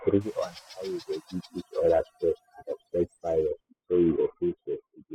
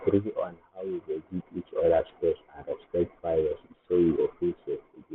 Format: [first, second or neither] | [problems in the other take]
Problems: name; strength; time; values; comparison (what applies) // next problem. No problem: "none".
second | noise reduction (classical method spectral subtraction)